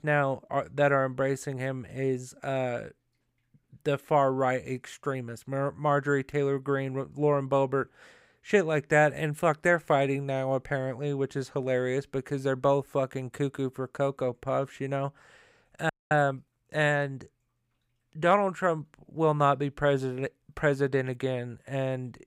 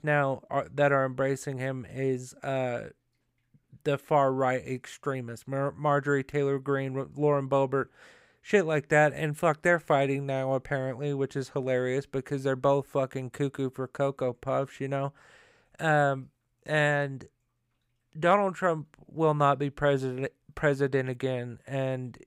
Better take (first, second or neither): second